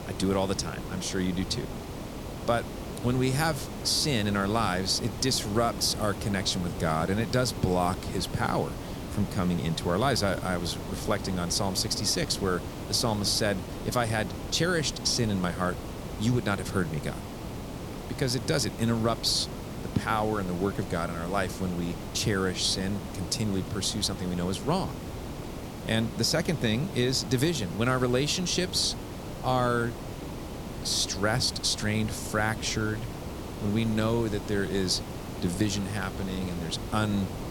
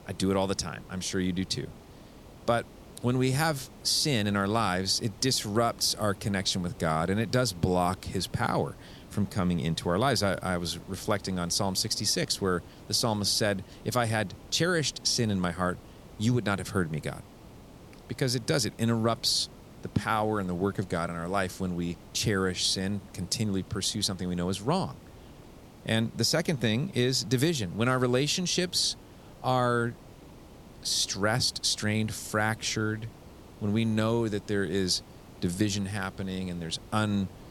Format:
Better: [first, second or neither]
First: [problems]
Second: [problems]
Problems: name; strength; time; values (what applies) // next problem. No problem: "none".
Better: second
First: hiss; loud; throughout; 9 dB below the speech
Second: hiss; faint; throughout; 20 dB below the speech